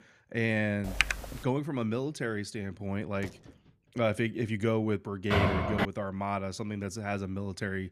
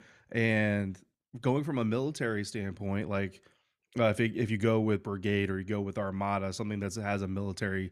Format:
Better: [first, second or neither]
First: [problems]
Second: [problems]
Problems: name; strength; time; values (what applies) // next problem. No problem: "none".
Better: second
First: keyboard typing; loud; at 1 s; peak 4 dB above the speech // door banging; faint; at 3 s; peak 15 dB below the speech // footsteps; loud; at 5.5 s; peak 5 dB above the speech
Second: none